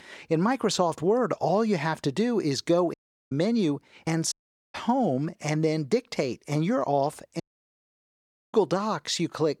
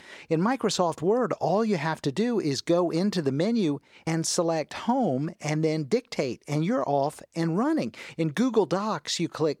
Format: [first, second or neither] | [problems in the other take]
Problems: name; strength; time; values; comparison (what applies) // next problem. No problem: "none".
second | audio cutting out; at 3 s, at 4.5 s and at 7.5 s for 1 s